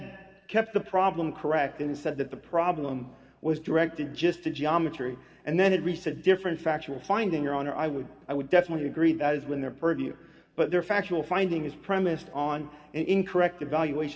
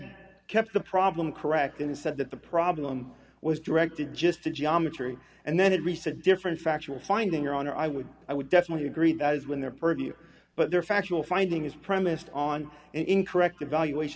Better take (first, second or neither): second